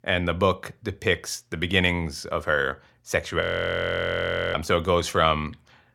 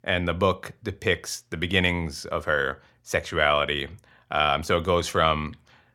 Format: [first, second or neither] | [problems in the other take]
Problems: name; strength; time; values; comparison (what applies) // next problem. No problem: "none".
second | audio freezing; at 3.5 s for 1 s